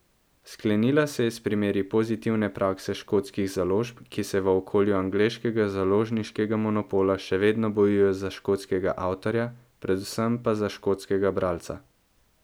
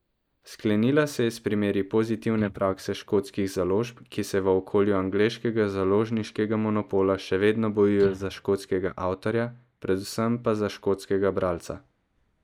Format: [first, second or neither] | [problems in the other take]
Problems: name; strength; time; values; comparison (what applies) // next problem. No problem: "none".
first | noise reduction (neural mask model DeepFilterNet 3)